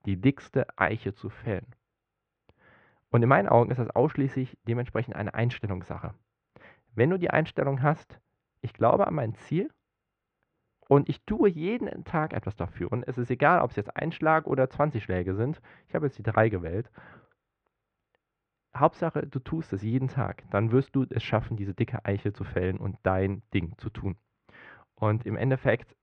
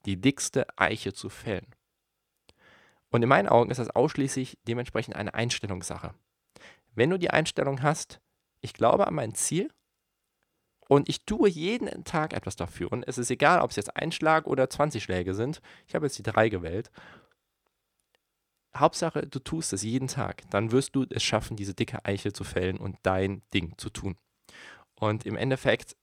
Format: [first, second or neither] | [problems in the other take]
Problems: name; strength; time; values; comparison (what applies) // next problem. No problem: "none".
second | muffled; very; fading above 2 kHz